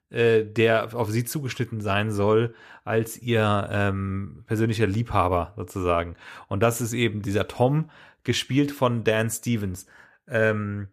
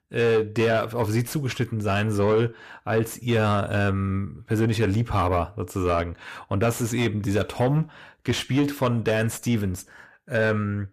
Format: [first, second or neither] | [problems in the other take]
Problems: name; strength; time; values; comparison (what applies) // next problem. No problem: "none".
first | distortion; slight; 10 dB below the speech